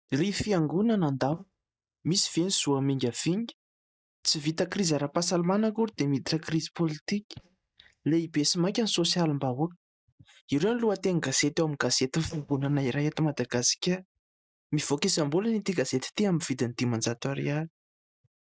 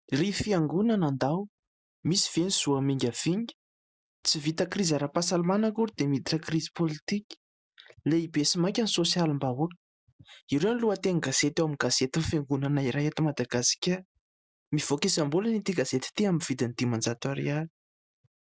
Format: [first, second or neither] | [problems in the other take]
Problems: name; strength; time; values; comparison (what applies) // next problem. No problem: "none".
second | noise reduction (neural mask model DeepFilterNet 3)